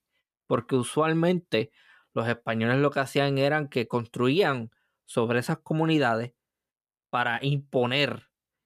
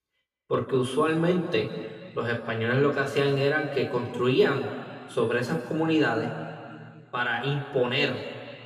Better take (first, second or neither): first